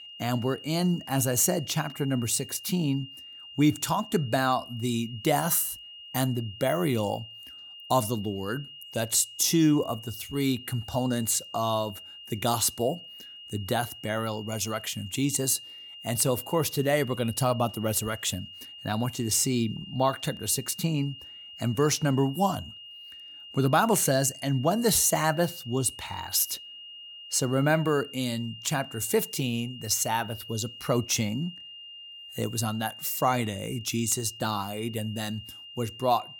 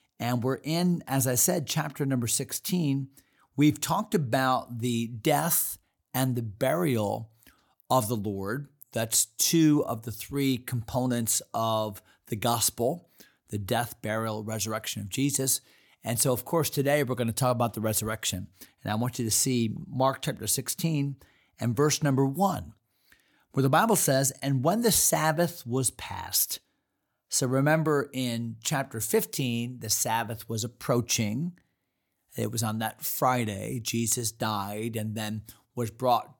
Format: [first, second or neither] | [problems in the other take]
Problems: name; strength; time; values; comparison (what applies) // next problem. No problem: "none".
second | high-pitched whine; noticeable; throughout; 3 kHz, 15 dB below the speech